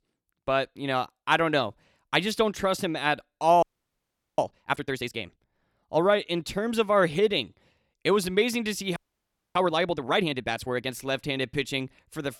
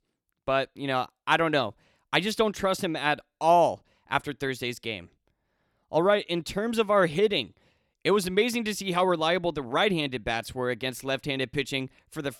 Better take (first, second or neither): second